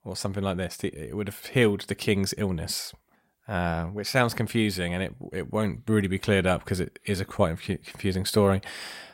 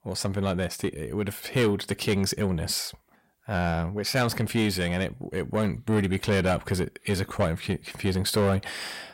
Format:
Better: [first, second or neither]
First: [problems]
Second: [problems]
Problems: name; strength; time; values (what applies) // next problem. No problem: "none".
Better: first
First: none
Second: distortion; slight; 10 dB below the speech